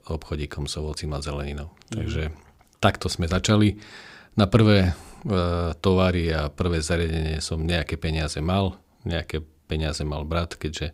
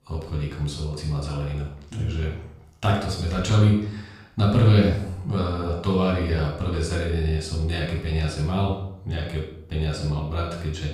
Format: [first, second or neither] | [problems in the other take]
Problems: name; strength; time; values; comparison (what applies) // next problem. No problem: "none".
first | off-mic speech; far // room echo; noticeable; dies away in 0.6 s